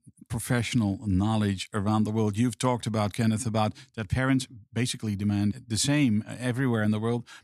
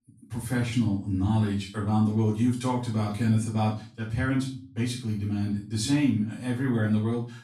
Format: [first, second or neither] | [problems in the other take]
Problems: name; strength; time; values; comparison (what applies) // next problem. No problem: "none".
first | off-mic speech; far // room echo; noticeable; dies away in 0.3 s